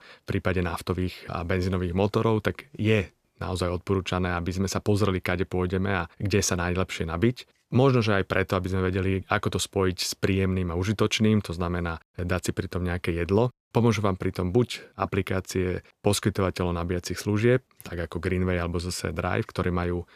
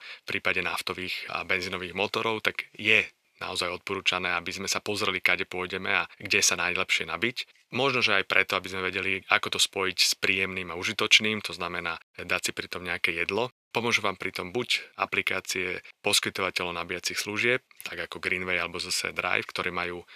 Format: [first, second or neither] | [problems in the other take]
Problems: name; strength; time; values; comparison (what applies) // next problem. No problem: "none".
first | thin; somewhat; fading below 1 kHz